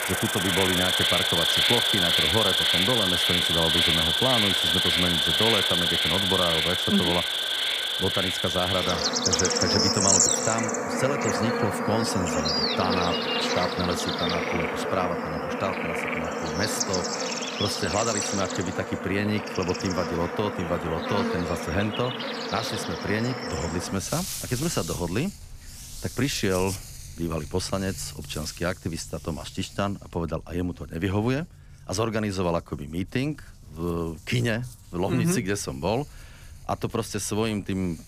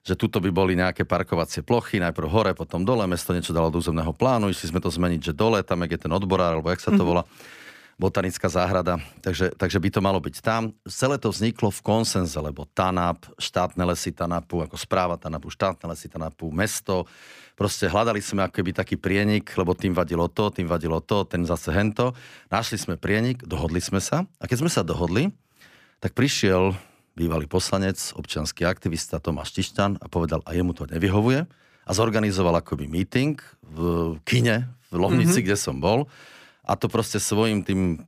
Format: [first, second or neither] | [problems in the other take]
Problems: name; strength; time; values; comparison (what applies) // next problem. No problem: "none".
second | animal sounds; very loud; throughout; 5 dB above the speech